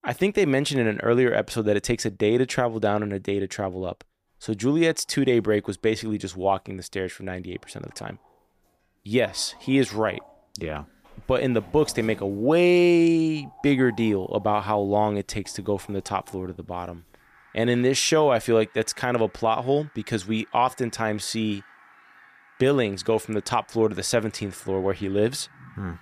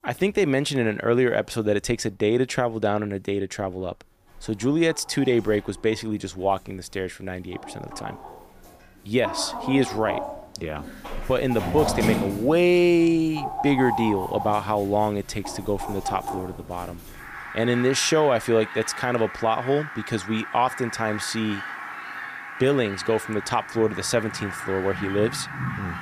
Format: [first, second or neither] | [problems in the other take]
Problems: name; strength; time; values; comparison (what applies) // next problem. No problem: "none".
first | animal sounds; loud; throughout; 9 dB below the speech; faint in the first